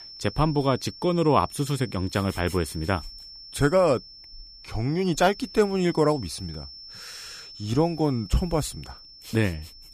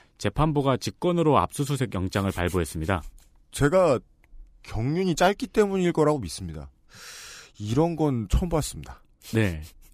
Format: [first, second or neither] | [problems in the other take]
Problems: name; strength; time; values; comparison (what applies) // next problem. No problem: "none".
second | high-pitched whine; noticeable; throughout; 5.5 kHz, 15 dB below the speech